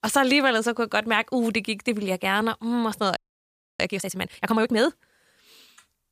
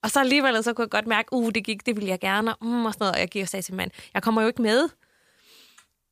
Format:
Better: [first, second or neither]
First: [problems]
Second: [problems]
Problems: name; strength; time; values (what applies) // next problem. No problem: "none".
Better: second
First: audio freezing; at 3 s for 0.5 s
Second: none